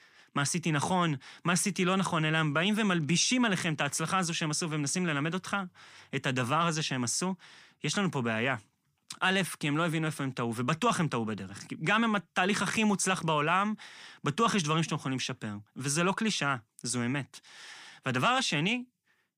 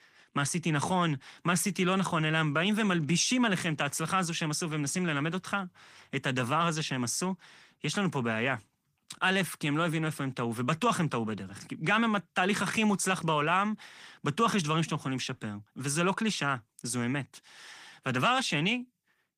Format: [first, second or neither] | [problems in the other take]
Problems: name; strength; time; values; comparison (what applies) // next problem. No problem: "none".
first | garbled, watery; slightly